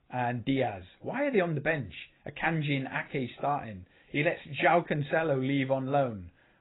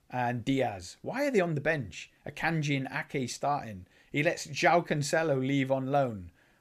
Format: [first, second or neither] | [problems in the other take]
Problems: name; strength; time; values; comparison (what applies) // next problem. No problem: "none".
second | garbled, watery; badly; nothing above 4 kHz